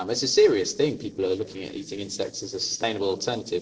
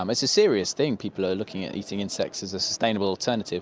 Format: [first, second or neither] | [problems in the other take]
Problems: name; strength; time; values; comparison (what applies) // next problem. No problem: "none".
second | noise reduction (neural separator model SepFormer DNS4)